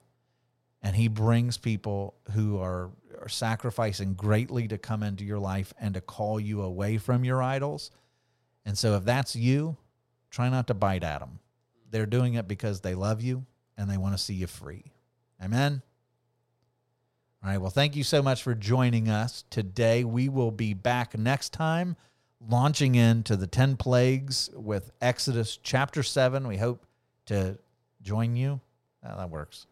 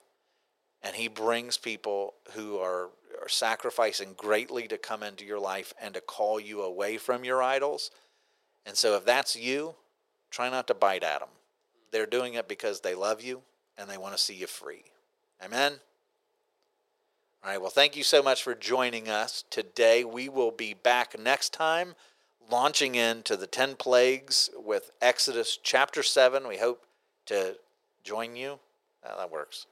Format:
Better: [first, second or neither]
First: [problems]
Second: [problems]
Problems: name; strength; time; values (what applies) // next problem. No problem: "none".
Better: first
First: none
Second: thin; very; fading below 400 Hz